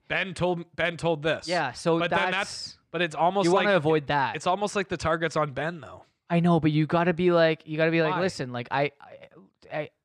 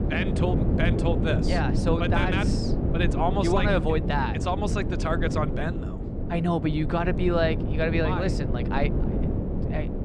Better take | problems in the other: first | wind noise on the microphone; heavy; 6 dB below the speech

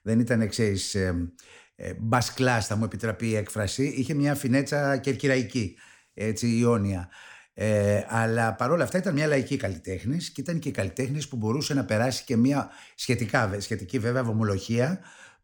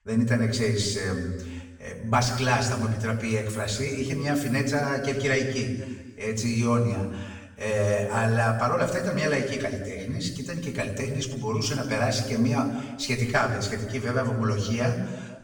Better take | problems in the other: first | room echo; noticeable; dies away in 1.1 s // off-mic speech; far

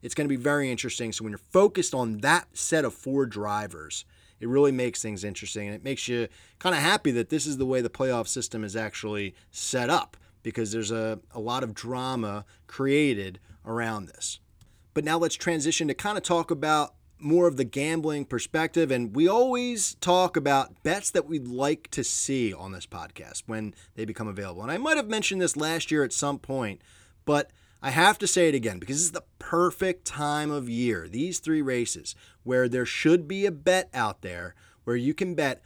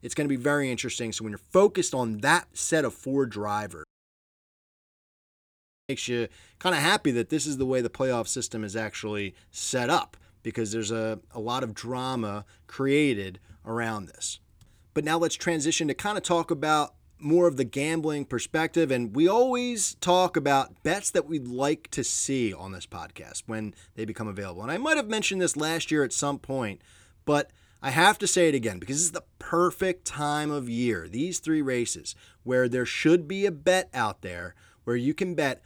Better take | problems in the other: first | audio cutting out; at 4 s for 2 s

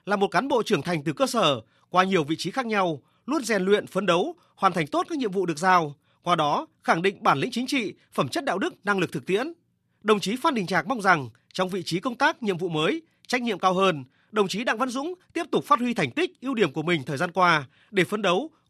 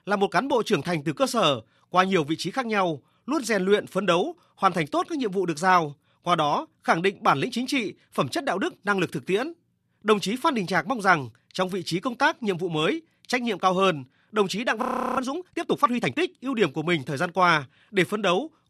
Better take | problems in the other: first | audio freezing; at 15 s

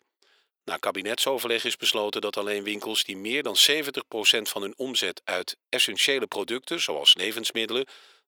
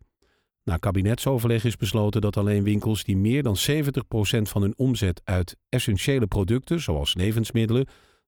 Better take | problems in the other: second | thin; very; fading below 400 Hz

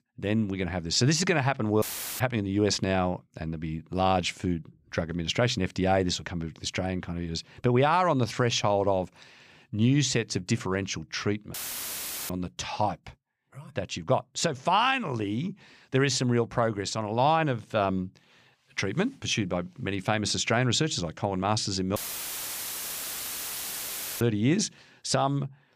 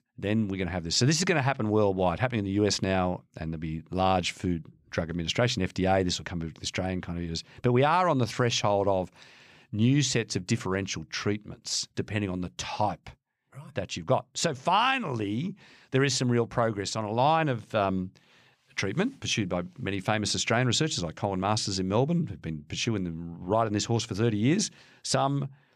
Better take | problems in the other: second | audio cutting out; filled with static; at 2 s, at 12 s for 1 s and at 22 s for 2.5 s

